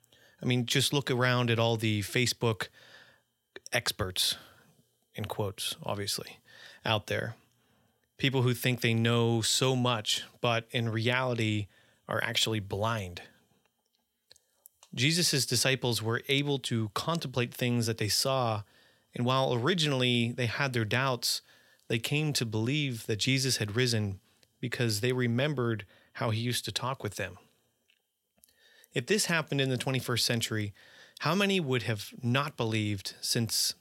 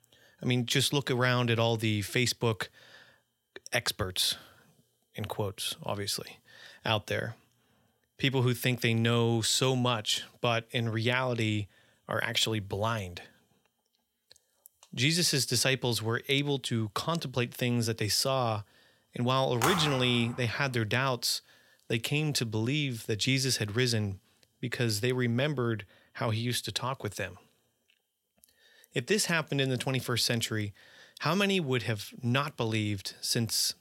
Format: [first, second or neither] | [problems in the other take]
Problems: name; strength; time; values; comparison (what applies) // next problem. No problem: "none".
first | phone ringing; noticeable; at 20 s; peak 1 dB below the speech